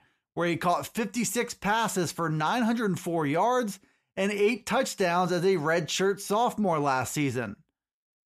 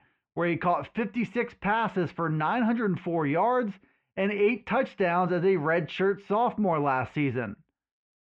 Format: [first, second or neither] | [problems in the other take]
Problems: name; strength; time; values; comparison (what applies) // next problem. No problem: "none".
first | muffled; very; fading above 2.5 kHz